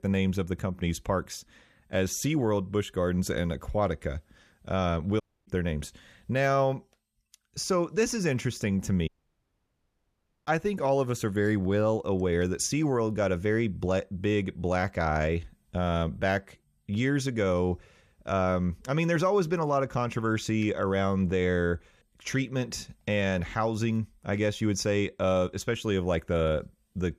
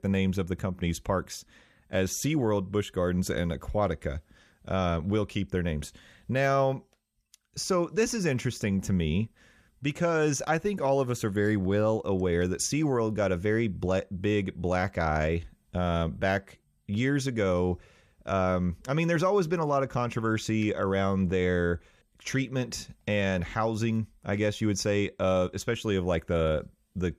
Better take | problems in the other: second | audio cutting out; at 5 s and at 9 s for 1.5 s

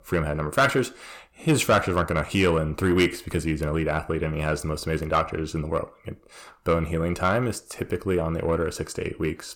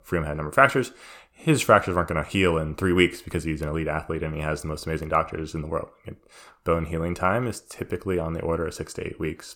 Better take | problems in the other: second | distortion; slight; 10 dB below the speech

